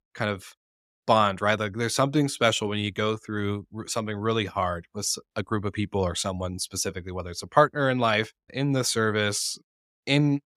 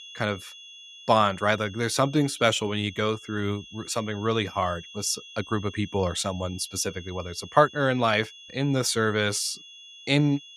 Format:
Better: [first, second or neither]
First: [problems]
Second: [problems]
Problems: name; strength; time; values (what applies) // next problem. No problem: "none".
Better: first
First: none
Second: high-pitched whine; noticeable; throughout; 3.5 kHz, 20 dB below the speech